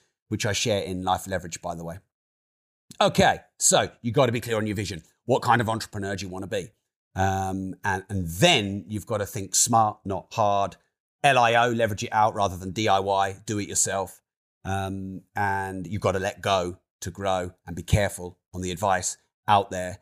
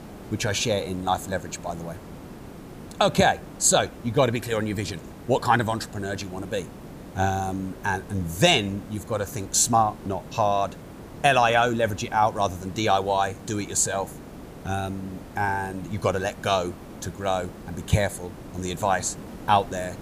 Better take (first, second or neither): first